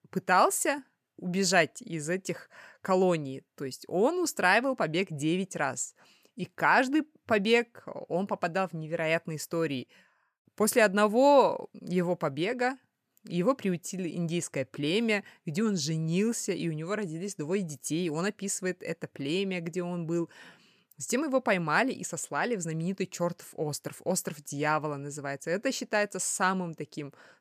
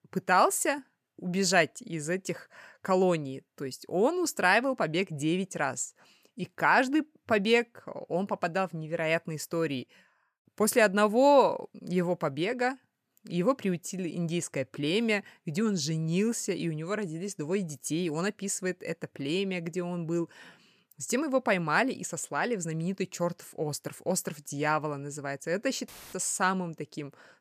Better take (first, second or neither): first